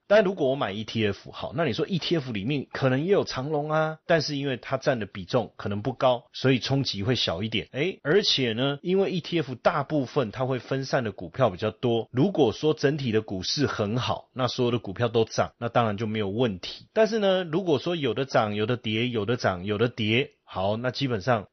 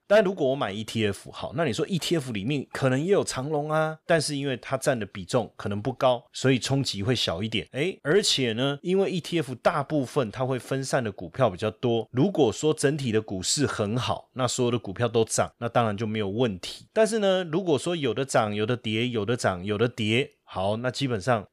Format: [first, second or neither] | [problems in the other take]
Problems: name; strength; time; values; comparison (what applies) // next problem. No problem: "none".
second | garbled, watery; slightly; nothing above 6 kHz